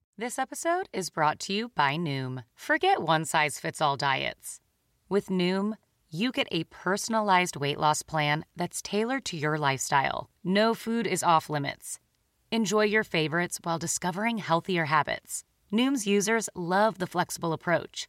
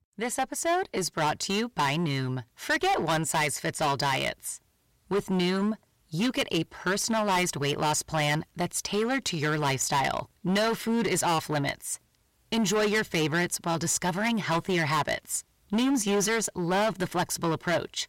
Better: first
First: none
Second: distortion; heavy; 14% of the sound clipped

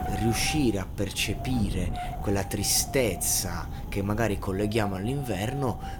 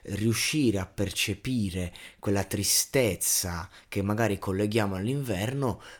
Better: second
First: wind noise on the microphone; heavy; 9 dB below the speech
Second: none

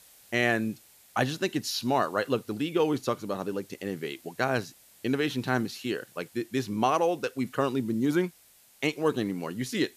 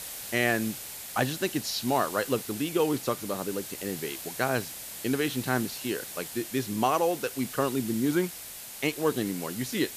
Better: first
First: hiss; faint; throughout; 25 dB below the speech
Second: hiss; loud; throughout; 8 dB below the speech

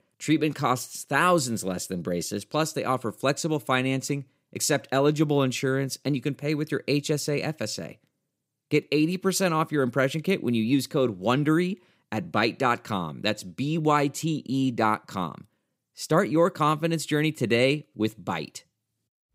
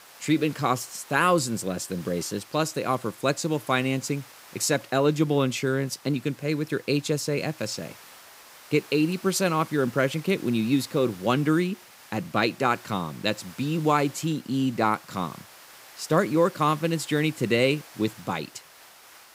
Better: first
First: none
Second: hiss; faint; throughout; 20 dB below the speech

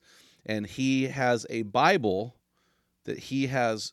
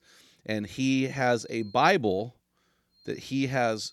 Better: first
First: none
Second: high-pitched whine; faint; from 0.5 to 2 s and at 3 s; 4 kHz, 30 dB below the speech

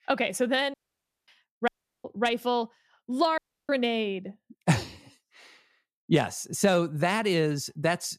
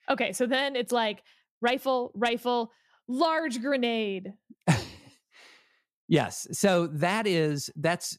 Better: second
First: audio cutting out; at 0.5 s for 0.5 s, at 1.5 s and at 3.5 s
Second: none

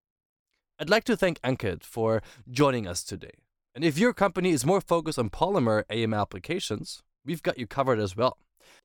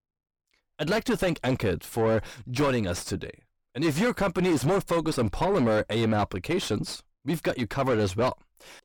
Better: first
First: none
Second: distortion; heavy; 6 dB below the speech

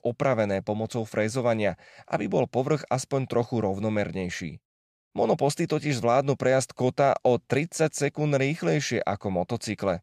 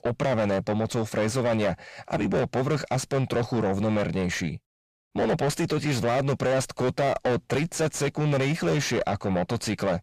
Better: first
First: none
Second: distortion; heavy; 6 dB below the speech

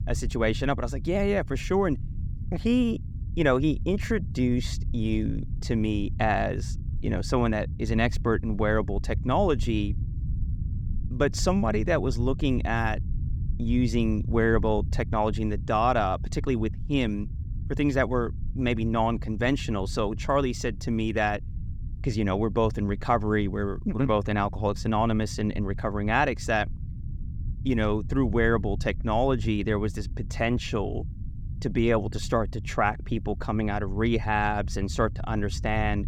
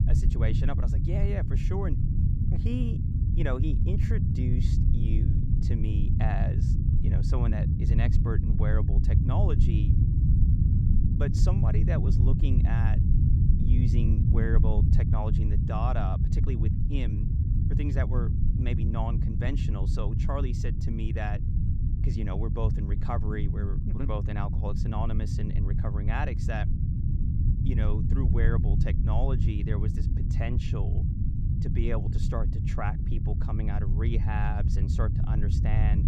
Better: first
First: low rumble; faint; throughout; 20 dB below the speech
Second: low rumble; loud; throughout; 2 dB below the speech

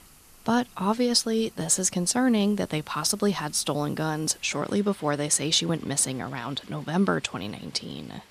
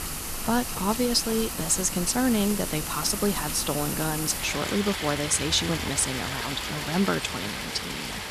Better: first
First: rain or running water; faint; throughout; 25 dB below the speech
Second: rain or running water; loud; throughout; 4 dB below the speech

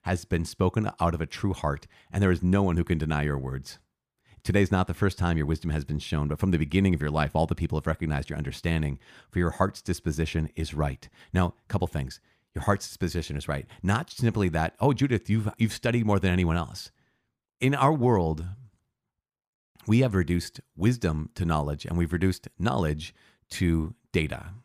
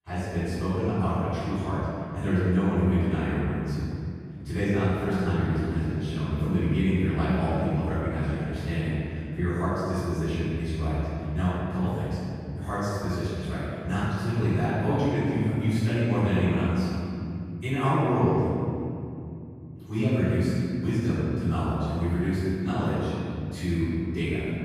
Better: first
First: none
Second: room echo; strong; dies away in 3 s // off-mic speech; far

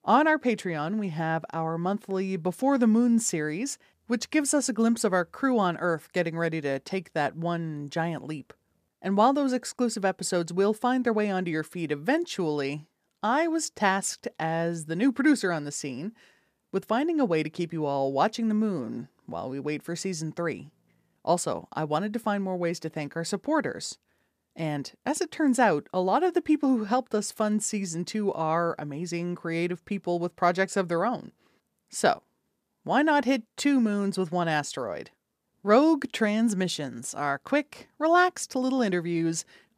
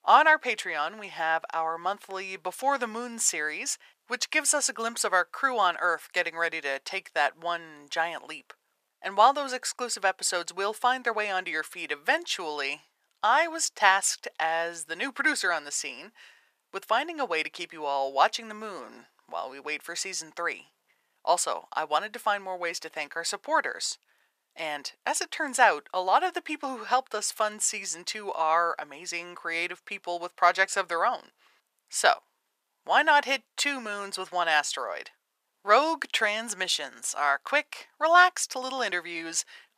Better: first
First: none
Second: thin; very; fading below 950 Hz

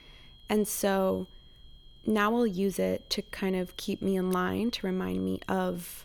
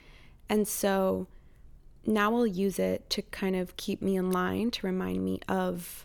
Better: second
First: high-pitched whine; faint; throughout; 3 kHz, 25 dB below the speech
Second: none

